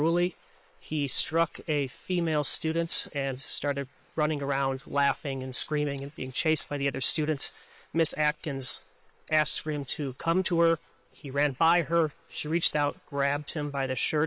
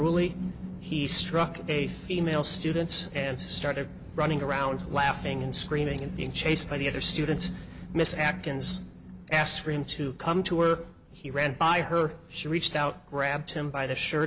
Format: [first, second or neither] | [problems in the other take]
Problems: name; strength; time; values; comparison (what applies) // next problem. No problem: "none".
second | noise reduction (neural separator model SepFormer WHAM!)